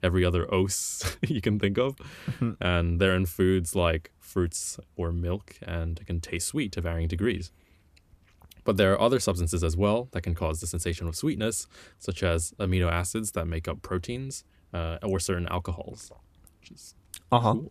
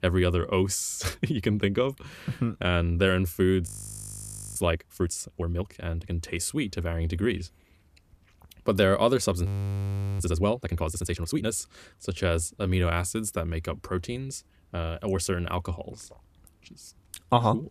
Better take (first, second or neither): first